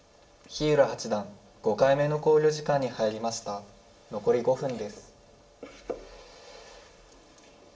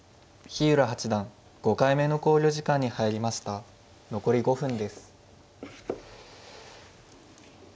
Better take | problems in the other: second | room echo; dies away in 0.7 s

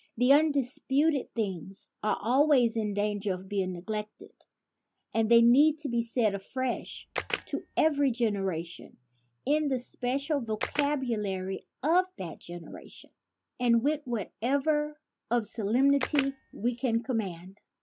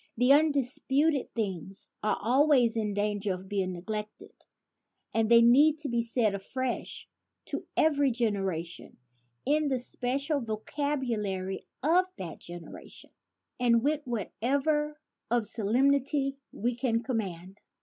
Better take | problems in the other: second | background sound (Camera); 10 dB below the speech

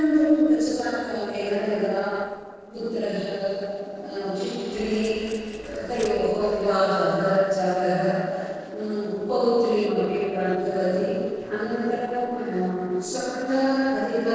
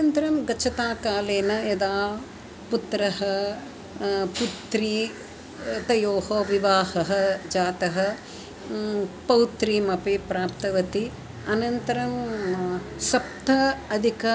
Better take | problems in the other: second | noise reduction (neural separator model SepFormer DNS4)

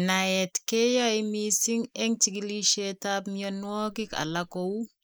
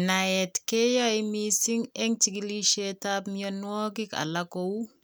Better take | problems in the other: second | noise reduction (neural mask model Resemble Enhance denoiser)

